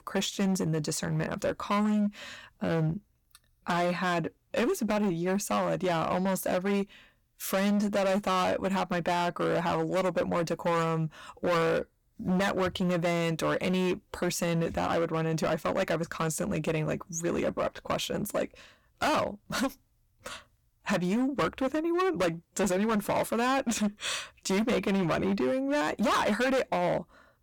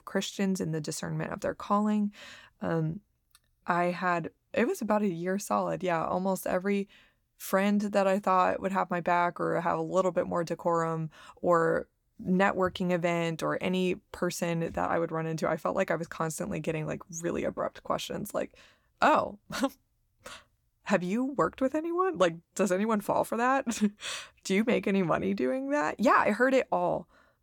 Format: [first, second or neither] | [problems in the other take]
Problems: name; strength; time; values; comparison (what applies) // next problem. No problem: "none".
second | distortion; heavy; 16% of the sound clipped